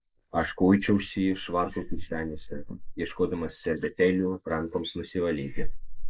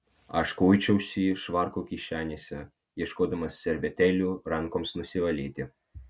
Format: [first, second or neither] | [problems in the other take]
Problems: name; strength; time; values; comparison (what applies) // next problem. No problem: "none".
second | noise reduction (neural mask model Resemble Enhance denoiser)